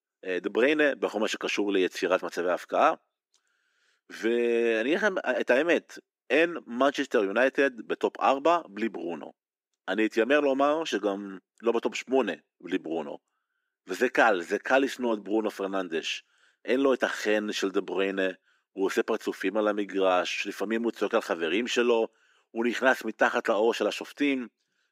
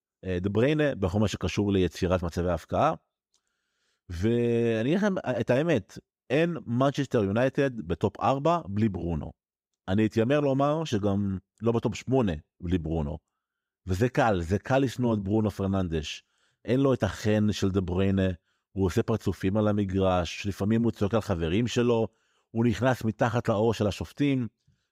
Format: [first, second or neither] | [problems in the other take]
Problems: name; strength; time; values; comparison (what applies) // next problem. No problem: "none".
second | thin; somewhat; fading below 250 Hz